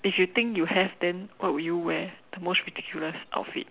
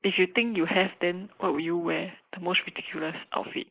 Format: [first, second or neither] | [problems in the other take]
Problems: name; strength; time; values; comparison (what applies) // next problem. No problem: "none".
first | noise reduction (neural mask model Resemble Enhance denoiser)